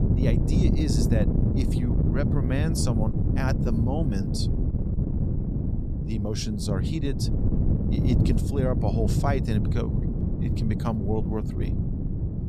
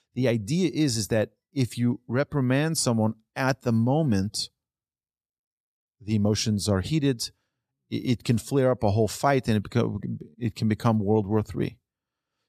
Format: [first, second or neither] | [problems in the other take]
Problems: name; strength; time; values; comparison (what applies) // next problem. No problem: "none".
second | wind noise on the microphone; heavy; 2 dB below the speech